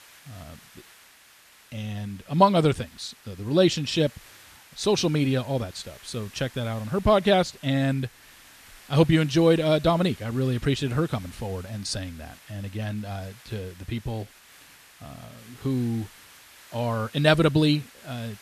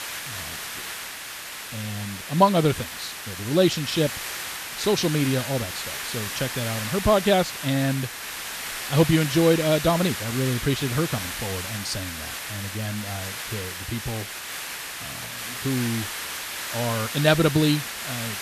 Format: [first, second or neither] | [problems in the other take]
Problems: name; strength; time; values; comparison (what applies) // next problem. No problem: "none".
first | hiss; loud; throughout; 7 dB below the speech; faint in the first